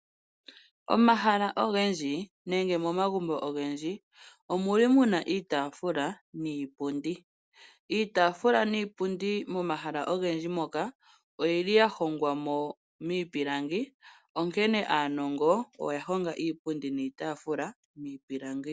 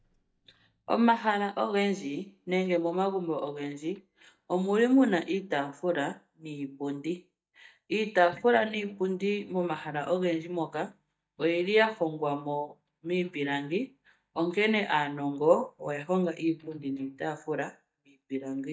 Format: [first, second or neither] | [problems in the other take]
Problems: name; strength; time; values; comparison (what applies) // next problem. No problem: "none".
first | noise reduction (neural mask model DeepFilterNet 3)